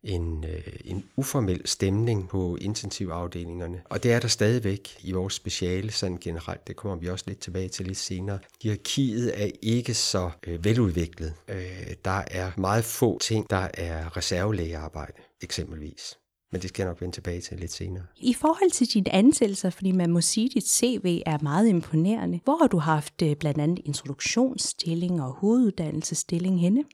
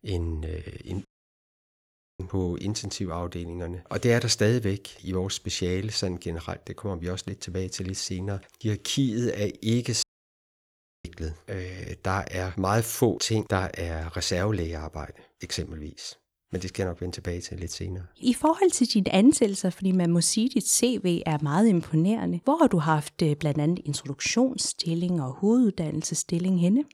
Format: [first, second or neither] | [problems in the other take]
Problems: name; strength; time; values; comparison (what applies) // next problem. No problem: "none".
first | audio cutting out; at 1 s for 1 s and at 10 s for 1 s